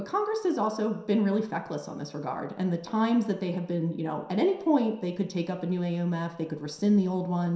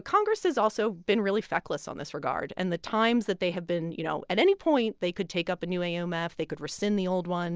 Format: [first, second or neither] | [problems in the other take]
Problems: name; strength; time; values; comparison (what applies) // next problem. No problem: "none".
second | room echo; dies away in 0.7 s